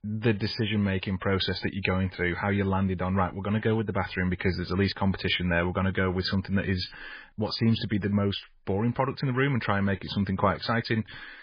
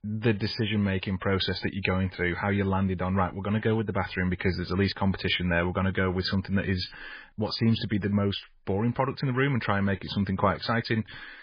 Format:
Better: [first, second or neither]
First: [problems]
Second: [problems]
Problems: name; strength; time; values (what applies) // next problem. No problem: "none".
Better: neither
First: garbled, watery; badly; nothing above 5 kHz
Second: garbled, watery; badly; nothing above 5 kHz